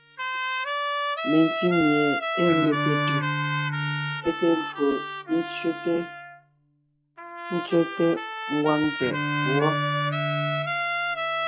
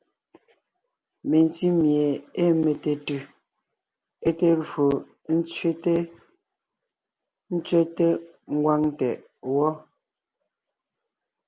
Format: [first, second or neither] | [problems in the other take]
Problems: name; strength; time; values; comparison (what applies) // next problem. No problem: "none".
second | noise reduction (classical method log-MMSE)